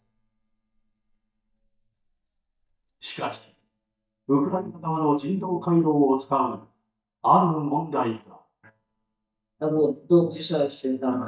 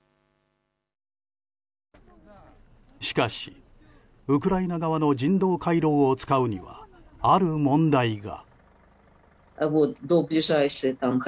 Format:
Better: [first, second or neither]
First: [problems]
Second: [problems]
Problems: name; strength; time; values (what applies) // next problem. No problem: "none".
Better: second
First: noise reduction (neural mask model DeepFilterNet 3)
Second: none